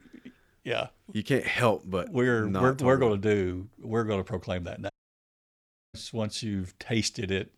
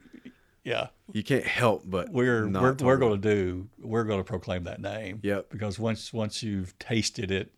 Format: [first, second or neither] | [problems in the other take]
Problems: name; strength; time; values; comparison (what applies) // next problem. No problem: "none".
second | audio cutting out; at 5 s for 1 s